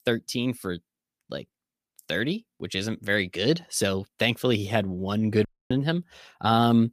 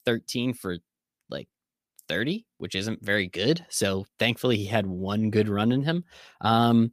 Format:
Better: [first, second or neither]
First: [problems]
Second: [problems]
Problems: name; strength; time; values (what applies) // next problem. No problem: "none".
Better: second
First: audio cutting out; at 5.5 s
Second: none